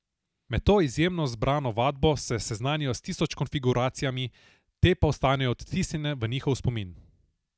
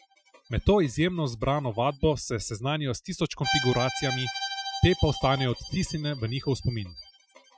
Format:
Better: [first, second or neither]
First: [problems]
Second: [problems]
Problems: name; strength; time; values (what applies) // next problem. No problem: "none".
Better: first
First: none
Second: noise reduction (classical method Wiener filter)